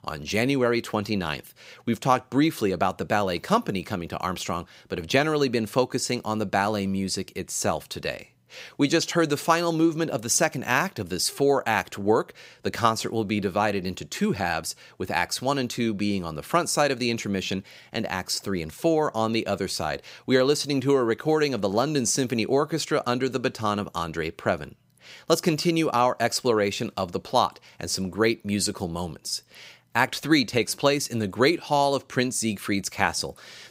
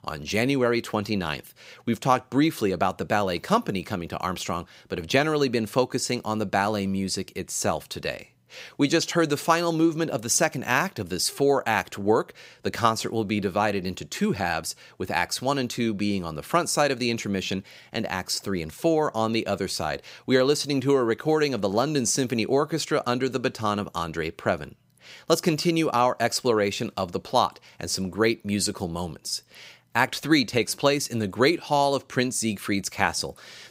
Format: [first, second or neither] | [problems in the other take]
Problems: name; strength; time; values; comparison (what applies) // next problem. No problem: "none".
neither | none